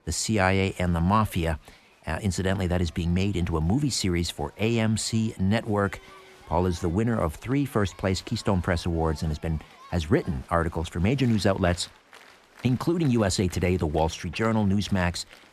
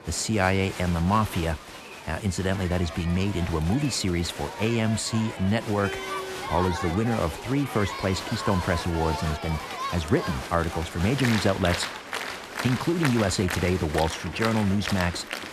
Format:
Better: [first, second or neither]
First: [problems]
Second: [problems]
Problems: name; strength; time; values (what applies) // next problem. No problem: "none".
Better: first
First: crowd noise; faint; throughout; 25 dB below the speech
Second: crowd noise; loud; throughout; 7 dB below the speech